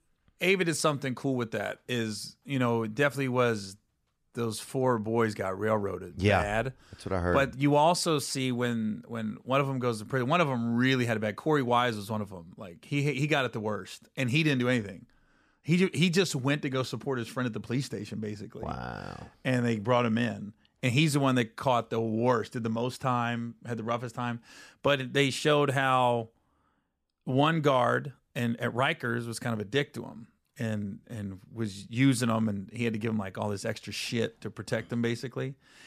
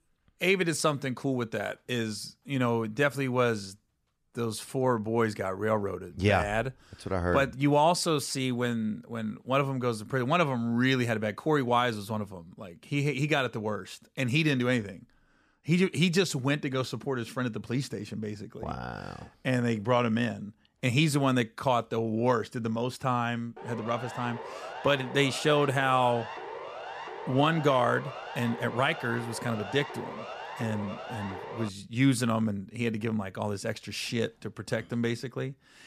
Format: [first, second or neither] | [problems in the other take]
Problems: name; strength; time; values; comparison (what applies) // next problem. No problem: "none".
first | siren; faint; from 24 to 32 s; peak 10 dB below the speech